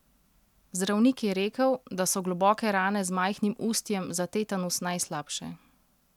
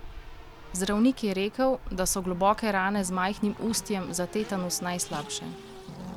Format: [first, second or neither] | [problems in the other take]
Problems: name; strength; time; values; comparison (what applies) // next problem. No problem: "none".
first | background sound (Race car, auto racing); 13 dB below the speech